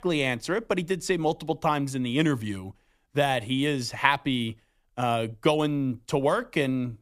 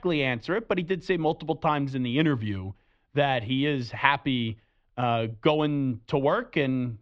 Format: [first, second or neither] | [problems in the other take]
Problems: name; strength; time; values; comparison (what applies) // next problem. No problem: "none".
first | muffled; slightly; fading above 4 kHz